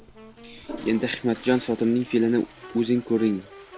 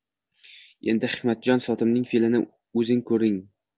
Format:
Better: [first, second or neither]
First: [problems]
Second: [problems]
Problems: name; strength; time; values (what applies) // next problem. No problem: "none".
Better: second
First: background sound (Toilet flush / Water + Wind instrument, woodwind instrument); 18 dB below the speech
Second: none